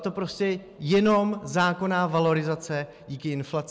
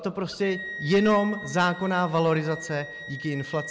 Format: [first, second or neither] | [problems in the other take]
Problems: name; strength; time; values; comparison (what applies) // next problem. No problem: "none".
first | background sound (Wind instrument, woodwind instrument); 13 dB below the speech